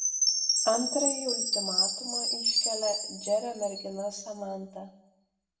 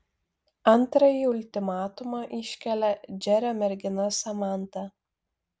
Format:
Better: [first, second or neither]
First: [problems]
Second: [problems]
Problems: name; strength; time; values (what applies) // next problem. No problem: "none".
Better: second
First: background sound (Chime); 3 dB above the speech // room echo; dies away in 0.7 s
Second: none